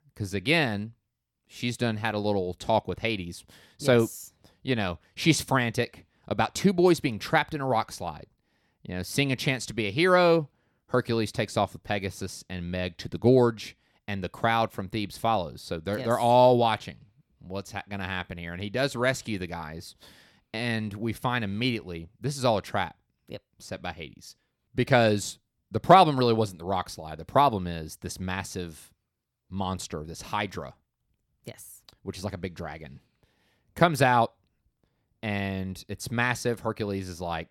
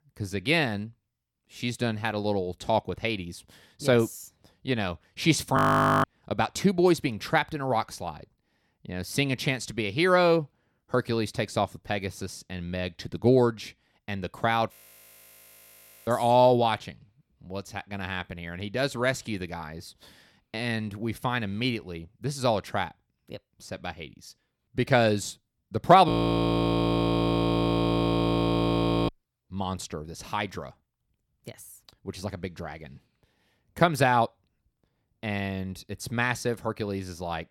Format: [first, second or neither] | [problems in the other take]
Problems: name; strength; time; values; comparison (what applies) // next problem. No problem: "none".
first | audio freezing; at 5.5 s, at 15 s for 1.5 s and at 26 s for 3 s